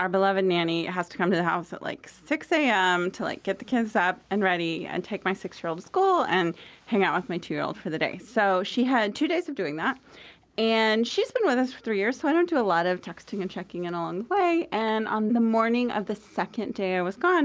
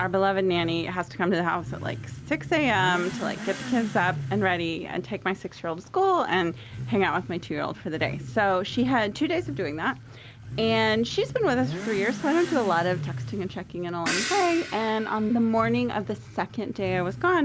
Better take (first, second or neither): first